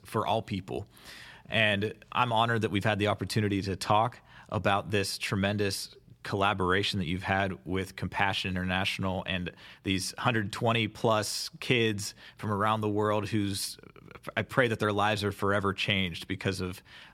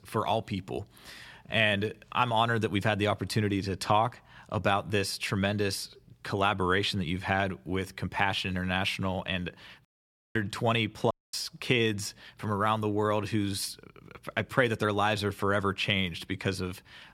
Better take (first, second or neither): first